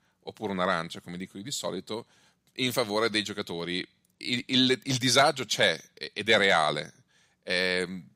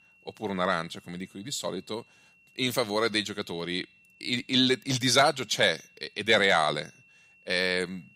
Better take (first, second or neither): first